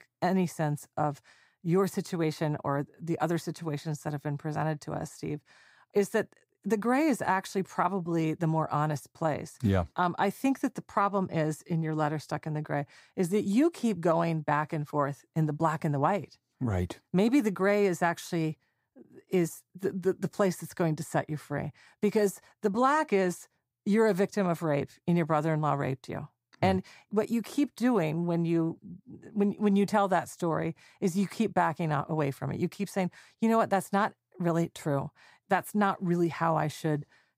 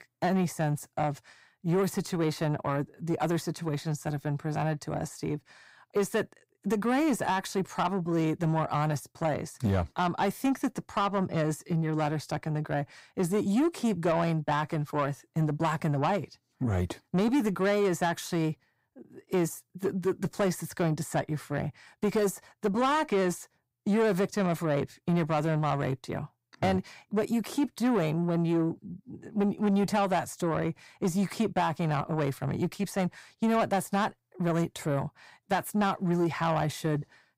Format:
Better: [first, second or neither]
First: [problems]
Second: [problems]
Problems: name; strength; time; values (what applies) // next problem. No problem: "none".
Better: first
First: none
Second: distortion; slight; 10 dB below the speech